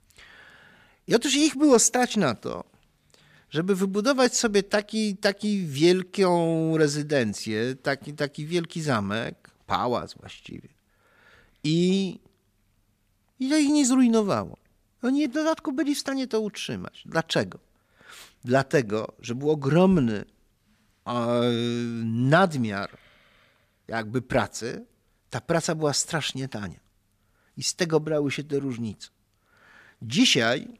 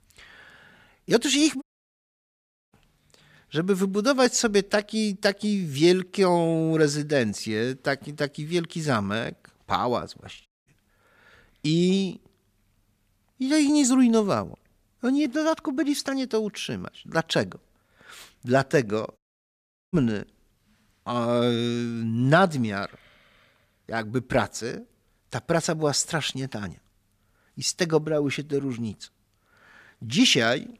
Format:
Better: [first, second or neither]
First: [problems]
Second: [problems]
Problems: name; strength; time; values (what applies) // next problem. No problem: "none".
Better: first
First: none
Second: audio cutting out; at 1.5 s for 1 s, at 10 s and at 19 s for 0.5 s